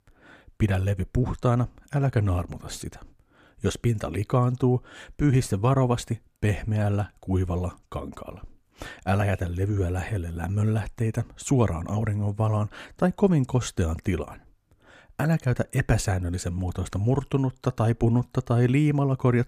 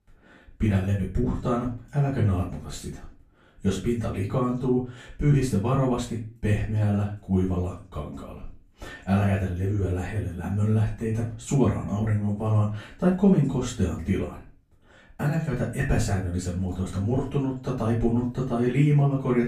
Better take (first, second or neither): first